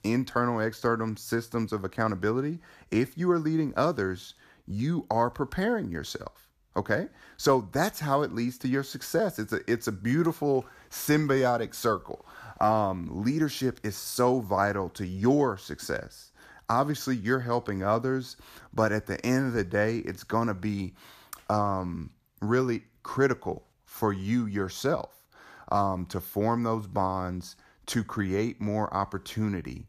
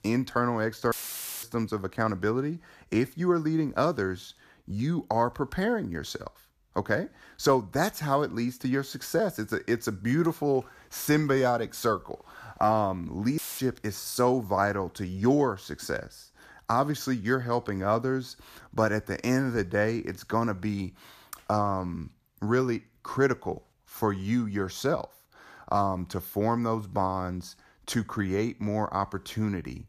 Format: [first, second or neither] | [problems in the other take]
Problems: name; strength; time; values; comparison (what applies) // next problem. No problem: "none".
first | audio cutting out; filled with static; at 1 s for 0.5 s and at 13 s